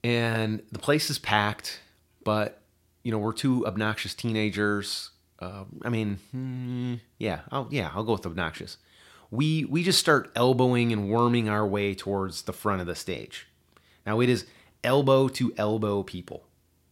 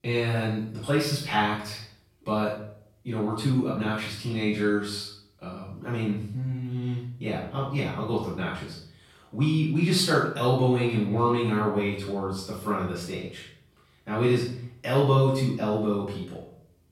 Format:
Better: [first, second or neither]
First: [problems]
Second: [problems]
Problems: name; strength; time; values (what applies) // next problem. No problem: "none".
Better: first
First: none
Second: off-mic speech; far // room echo; noticeable; dies away in 0.6 s